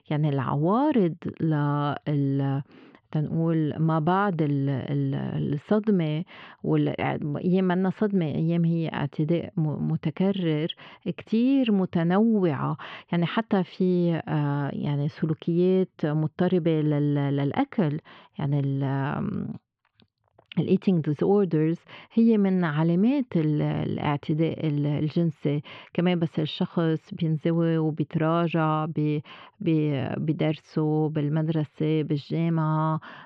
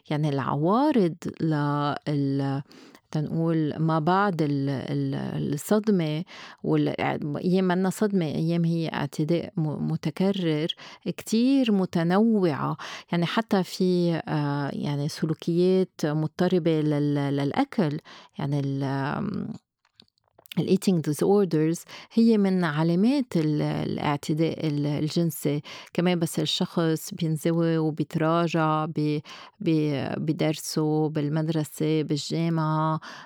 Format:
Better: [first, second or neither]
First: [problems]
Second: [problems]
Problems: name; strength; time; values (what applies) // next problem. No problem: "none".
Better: second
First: muffled; very; fading above 3 kHz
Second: none